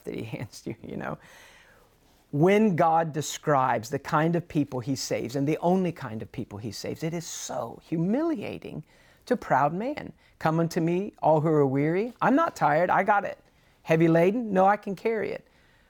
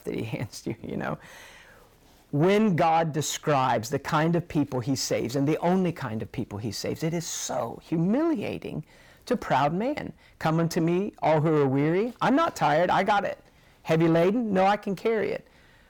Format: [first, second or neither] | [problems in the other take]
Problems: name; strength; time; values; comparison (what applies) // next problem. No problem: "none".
first | distortion; slight; 10 dB below the speech